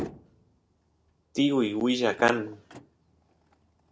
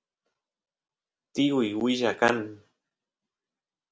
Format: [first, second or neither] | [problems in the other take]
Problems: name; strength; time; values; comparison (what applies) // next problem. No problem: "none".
second | background sound (Motor vehicle (road)); 17 dB below the speech